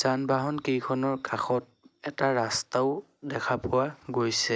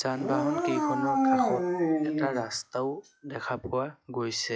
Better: first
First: none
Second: noise reduction (classical method log-MMSE)

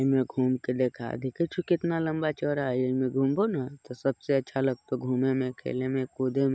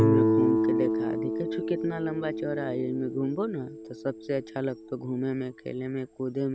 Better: first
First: none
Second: background sound (Guitar); 2 dB above the speech

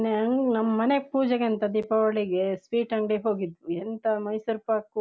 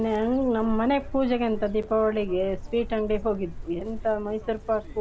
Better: first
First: none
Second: background sound (Chirp, tweet); 10 dB below the speech

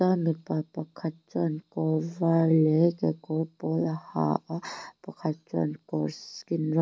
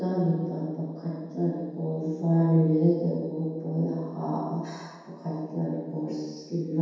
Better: first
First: none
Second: room echo; dies away in 1.2 s

